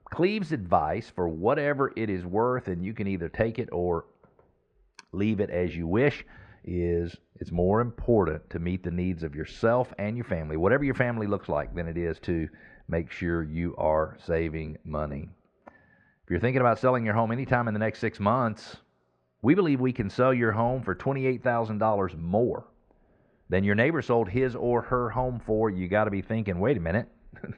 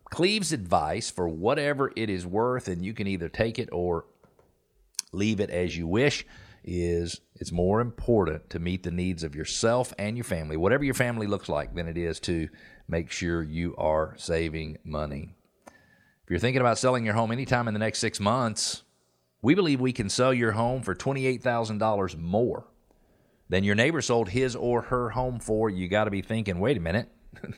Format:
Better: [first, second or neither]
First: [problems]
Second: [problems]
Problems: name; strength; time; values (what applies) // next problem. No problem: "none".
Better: second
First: muffled; very; fading above 1.5 kHz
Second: none